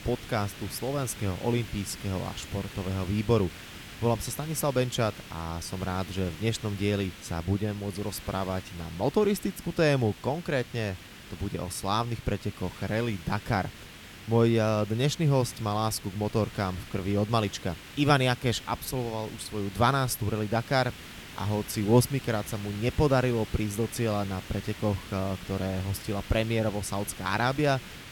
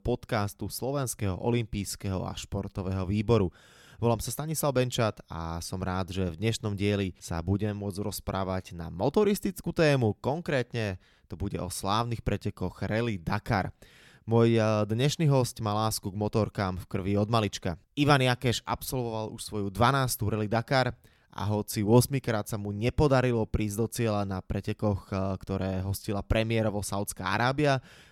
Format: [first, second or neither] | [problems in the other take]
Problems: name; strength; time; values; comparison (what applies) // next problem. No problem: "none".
second | hiss; noticeable; throughout; 15 dB below the speech